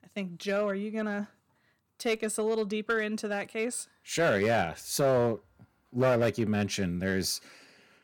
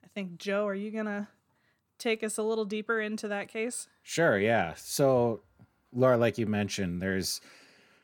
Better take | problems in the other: second | distortion; slight; 4% of the sound clipped

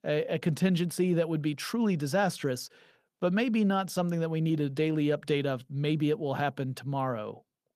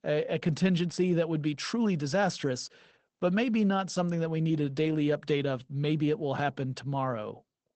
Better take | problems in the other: first | garbled, watery; badly; nothing above 8 kHz; slightly in the first

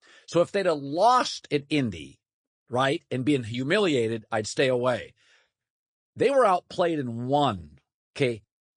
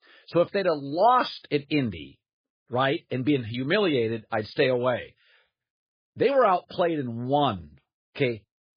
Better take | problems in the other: first | garbled, watery; badly; slightly in the first

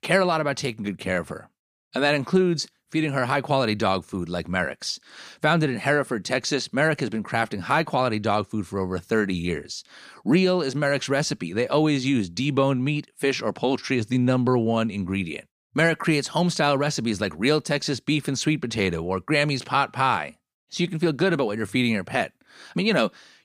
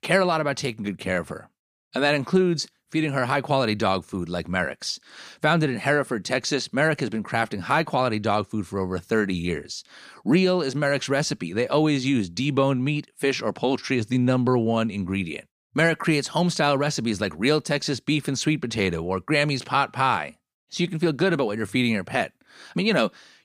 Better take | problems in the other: neither | none

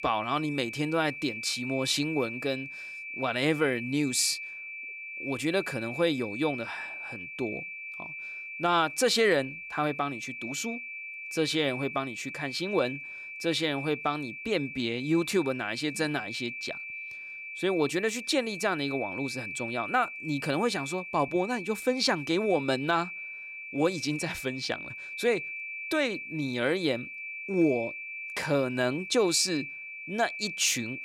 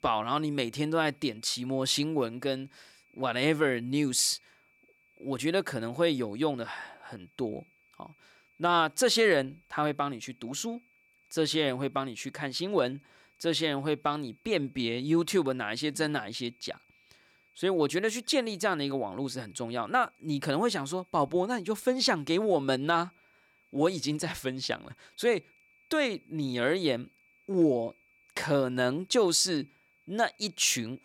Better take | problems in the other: second | high-pitched whine; loud; throughout; 2.5 kHz, 8 dB below the speech; faint in the second

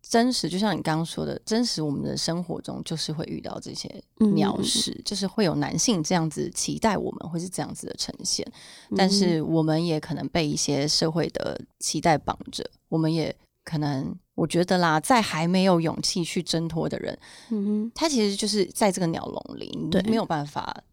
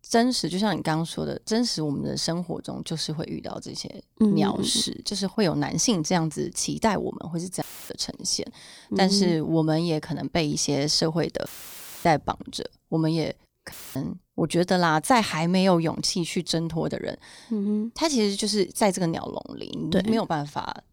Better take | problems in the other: first | audio cutting out; filled with static; at 7.5 s, at 11 s for 0.5 s and at 14 s

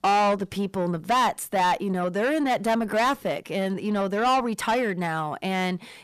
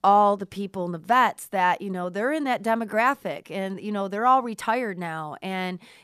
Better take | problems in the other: second | distortion; heavy; 7 dB below the speech

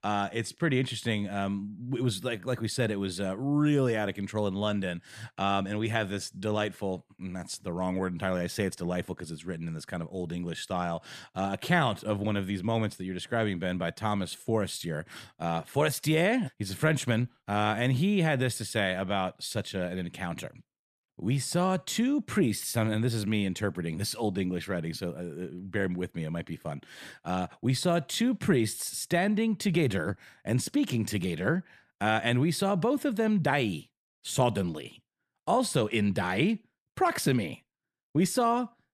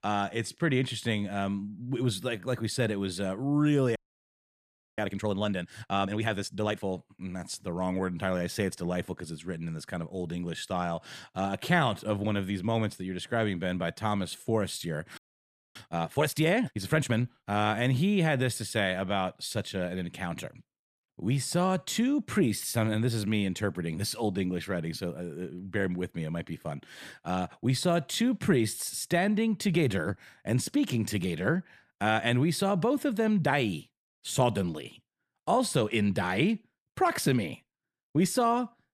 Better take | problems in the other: first | audio freezing; at 4 s for 1 s and at 15 s for 0.5 s

